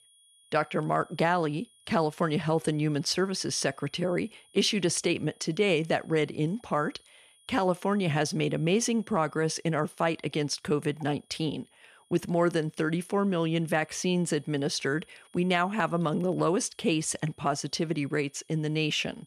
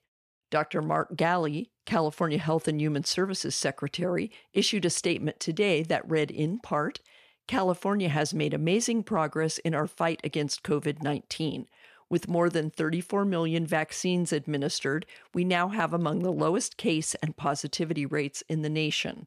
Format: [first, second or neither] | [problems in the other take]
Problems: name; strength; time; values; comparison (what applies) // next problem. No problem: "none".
second | high-pitched whine; faint; throughout; 3.5 kHz, 30 dB below the speech